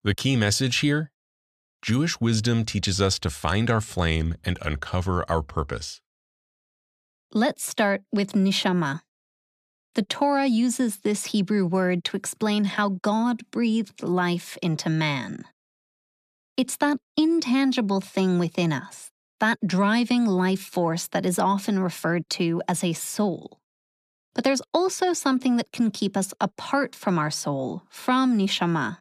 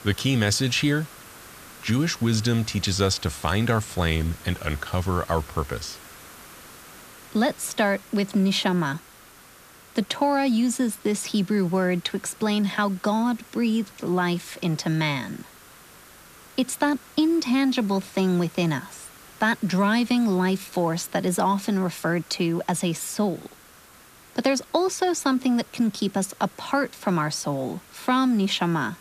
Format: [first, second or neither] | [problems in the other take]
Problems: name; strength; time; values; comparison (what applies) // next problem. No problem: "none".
first | hiss; faint; throughout; 20 dB below the speech